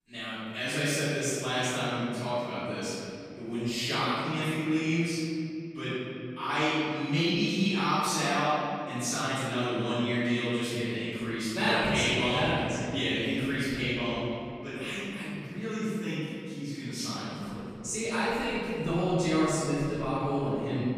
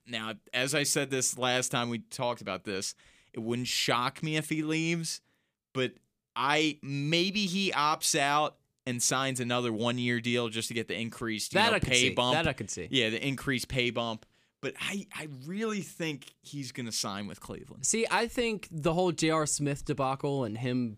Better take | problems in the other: second | off-mic speech; far // room echo; strong; dies away in 2.7 s

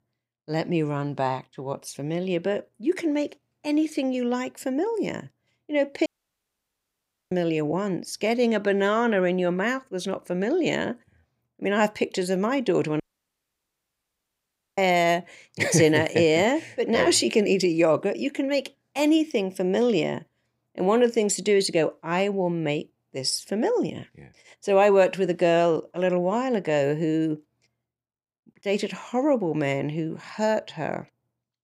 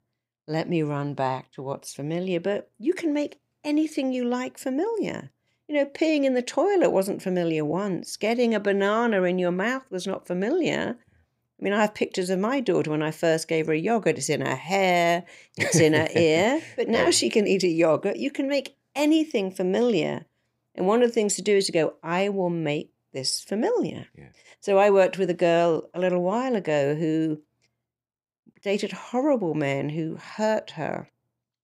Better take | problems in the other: second | audio cutting out; at 6 s for 1.5 s and at 13 s for 2 s

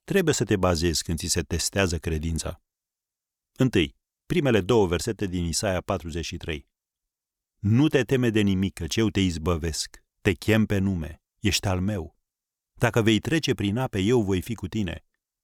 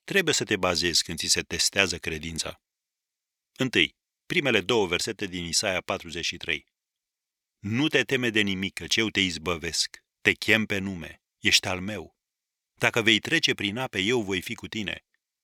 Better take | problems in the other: first | thin; somewhat; fading below 250 Hz

